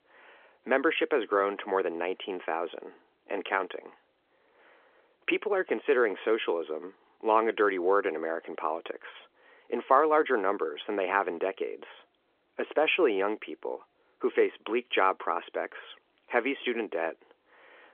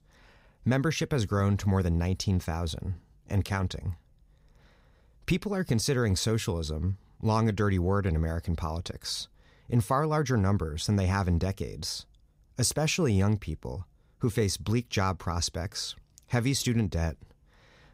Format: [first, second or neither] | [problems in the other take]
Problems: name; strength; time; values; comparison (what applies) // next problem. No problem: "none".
second | phone-call audio; nothing above 3.5 kHz